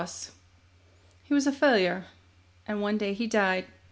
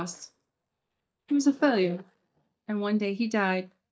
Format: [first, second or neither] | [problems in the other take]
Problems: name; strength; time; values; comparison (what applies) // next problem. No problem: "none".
first | noise reduction (neural mask model DeepFilterNet 3)